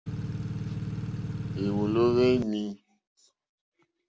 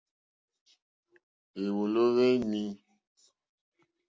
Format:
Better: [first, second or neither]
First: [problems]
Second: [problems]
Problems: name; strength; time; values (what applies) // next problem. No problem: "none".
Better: second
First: background sound (Engine / Truck / Car); 3 dB below the speech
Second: none